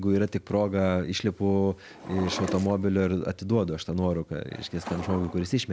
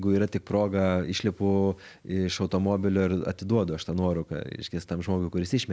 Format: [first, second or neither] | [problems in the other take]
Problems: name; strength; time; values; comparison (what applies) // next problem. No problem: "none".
second | background sound (Drawer open or close); 15 dB below the speech